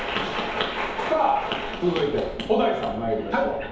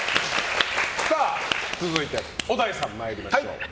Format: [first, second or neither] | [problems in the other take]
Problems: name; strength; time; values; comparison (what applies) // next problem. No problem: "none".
second | background sound (Wind); 19 dB below the speech // room echo; dies away in 2.2 s